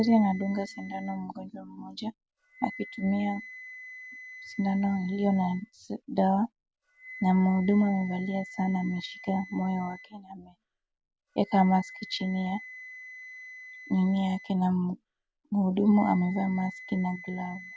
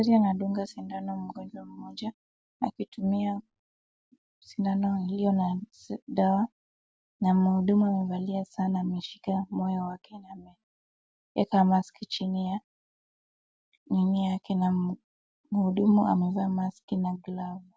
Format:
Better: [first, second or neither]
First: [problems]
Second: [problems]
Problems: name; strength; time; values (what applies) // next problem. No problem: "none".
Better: second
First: background sound (Wind instrument, woodwind instrument); 18 dB below the speech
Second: none